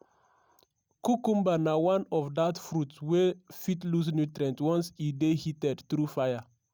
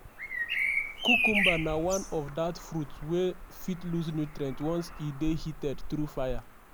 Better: first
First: none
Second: background sound (Bird vocalization, bird call, bird song); 1 dB below the speech

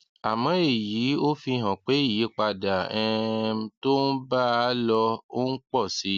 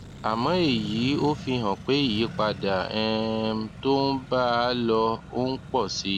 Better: first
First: none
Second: background sound (Accelerating, revving, vroom); 14 dB below the speech

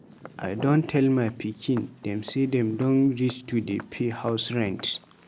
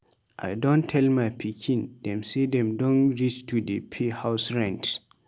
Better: second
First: background sound (Walk, footsteps); 19 dB below the speech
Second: none

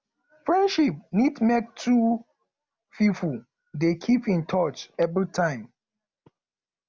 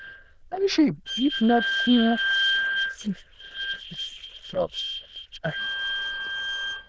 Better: first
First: none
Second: noise reduction (neural diffusion model UNIVERSE++)

